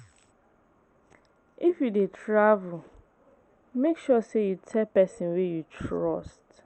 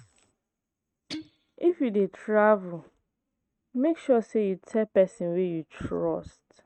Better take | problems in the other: first | noise reduction (neural mask model RNNoise)

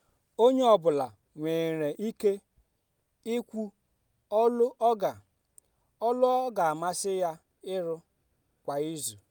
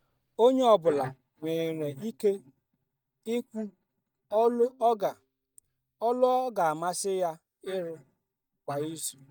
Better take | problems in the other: first | noise reduction (neural mask model DeepFilterNet 3)

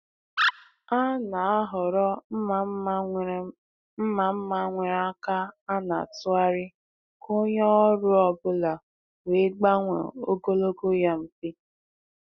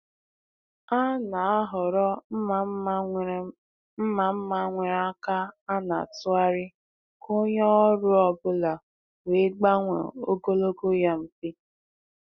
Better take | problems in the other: second | background sound (Animal); 4 dB below the speech

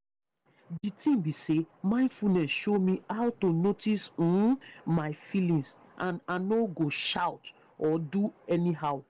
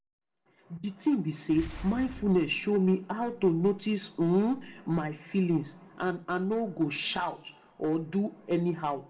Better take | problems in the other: first | background sound (Boom); 17 dB below the speech // room echo; dies away in 0.9 s

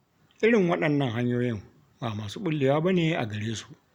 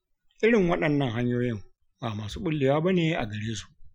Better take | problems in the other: first | noise reduction (classical method Wiener filter)

